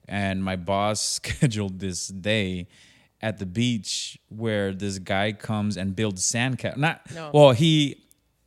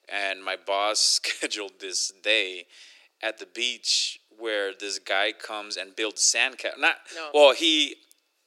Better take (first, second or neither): first